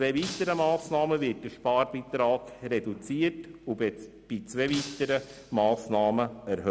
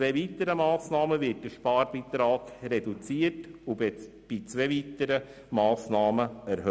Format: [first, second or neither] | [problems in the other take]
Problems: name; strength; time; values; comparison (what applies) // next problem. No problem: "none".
second | background sound (Shatter); 16 dB below the speech